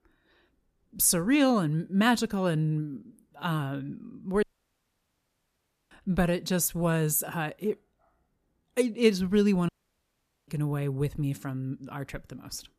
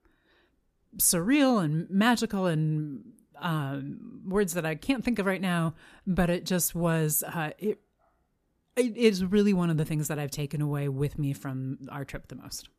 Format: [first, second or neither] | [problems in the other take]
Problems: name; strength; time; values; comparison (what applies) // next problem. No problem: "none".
second | audio cutting out; at 4.5 s for 1.5 s and at 9.5 s for 1 s